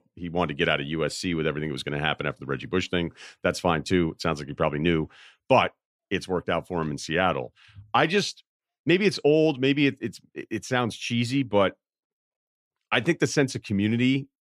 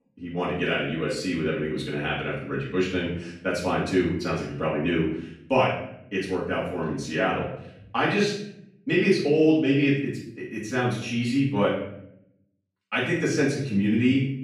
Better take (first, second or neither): first